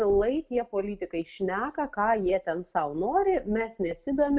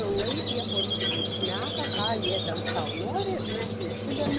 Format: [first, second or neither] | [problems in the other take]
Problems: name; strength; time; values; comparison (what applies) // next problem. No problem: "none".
first | background sound (Squeak); 3 dB above the speech